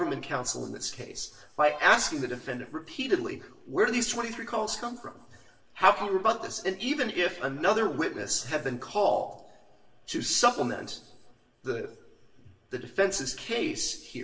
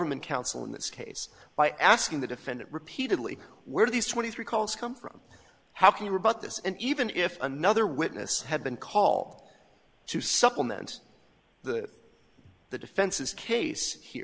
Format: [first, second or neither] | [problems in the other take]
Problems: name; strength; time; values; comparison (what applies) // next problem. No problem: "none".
second | noise reduction (neural separator model SepFormer DNS4)